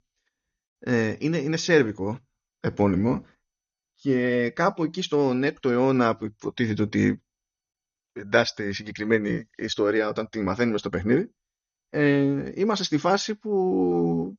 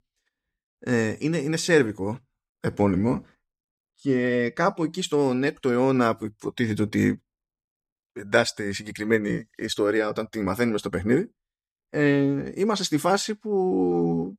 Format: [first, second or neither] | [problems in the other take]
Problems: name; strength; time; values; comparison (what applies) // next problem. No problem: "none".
second | garbled, watery; slightly; nothing above 6.5 kHz